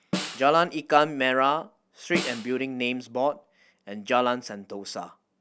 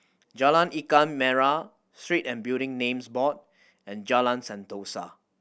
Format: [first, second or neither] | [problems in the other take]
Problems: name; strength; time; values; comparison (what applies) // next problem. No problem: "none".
second | background sound (Snare drum); 10 dB below the speech